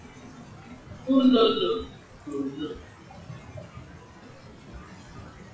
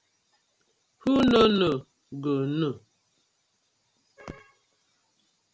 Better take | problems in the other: second | noise reduction (classical method WPE with log-MMSE)

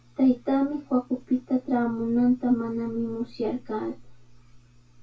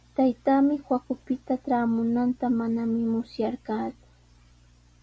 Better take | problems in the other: second | room echo; dies away in 0.2 s

